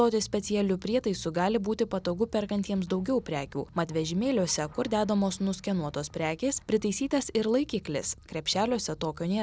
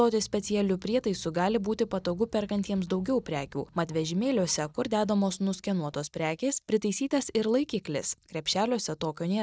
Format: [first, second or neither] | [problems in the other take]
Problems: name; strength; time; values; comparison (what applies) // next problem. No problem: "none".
first | noise reduction (neural mask model DeepFilterNet 3)